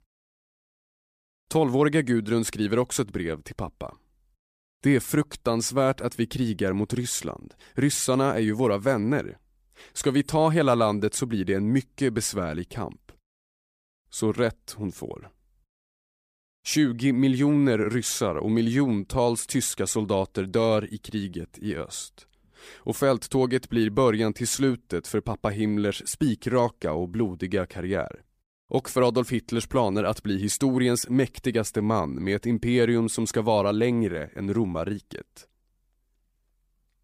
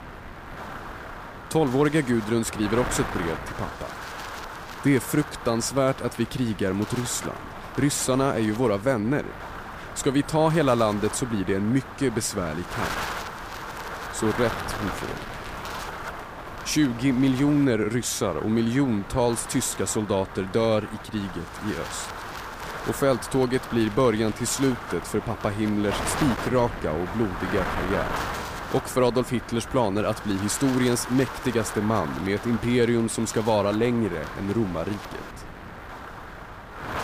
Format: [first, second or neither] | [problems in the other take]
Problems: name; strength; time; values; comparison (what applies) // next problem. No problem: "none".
first | wind noise on the microphone; heavy; 7 dB below the speech